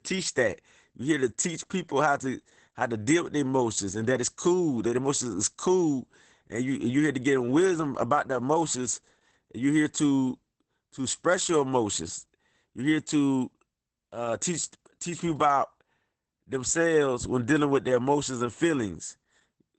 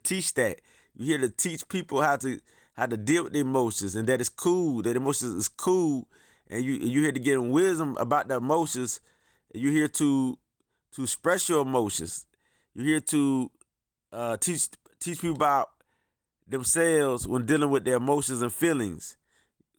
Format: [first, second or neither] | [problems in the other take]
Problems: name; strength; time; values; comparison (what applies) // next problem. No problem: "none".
second | garbled, watery; badly; nothing above 8 kHz; slightly in the second